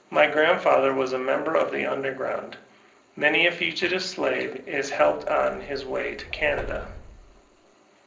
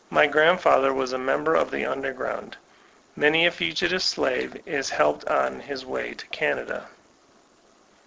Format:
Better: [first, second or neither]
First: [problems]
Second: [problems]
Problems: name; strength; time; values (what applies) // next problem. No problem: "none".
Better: second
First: background sound (Subway, metro, underground); 17 dB below the speech // room echo; dies away in 0.5 s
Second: none